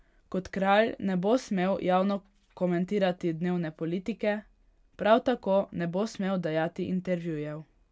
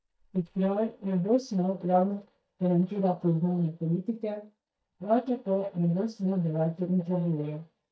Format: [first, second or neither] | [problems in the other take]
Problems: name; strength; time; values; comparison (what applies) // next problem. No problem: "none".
first | noise reduction (neural mask model DeepFilterNet 3)